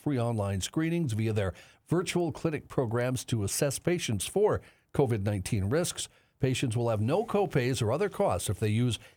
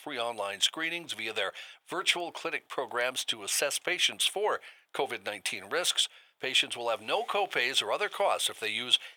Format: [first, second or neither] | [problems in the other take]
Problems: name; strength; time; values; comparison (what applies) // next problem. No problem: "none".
first | thin; very; fading below 750 Hz